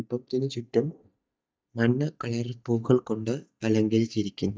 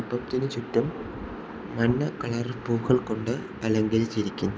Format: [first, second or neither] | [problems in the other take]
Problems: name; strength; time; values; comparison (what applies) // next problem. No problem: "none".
second | noise reduction (neural mask model DeepFilterNet 3)